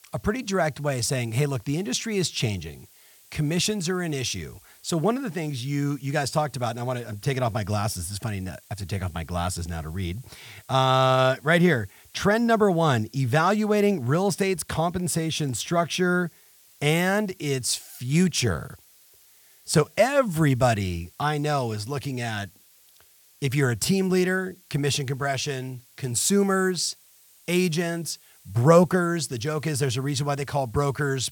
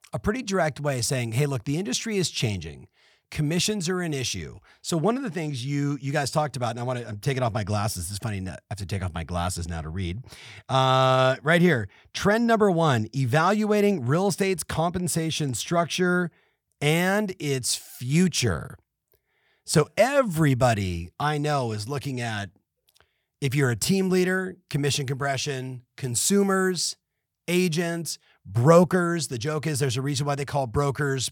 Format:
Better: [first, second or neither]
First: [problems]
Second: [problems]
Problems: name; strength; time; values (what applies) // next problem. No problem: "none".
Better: second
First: hiss; faint; throughout; 25 dB below the speech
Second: none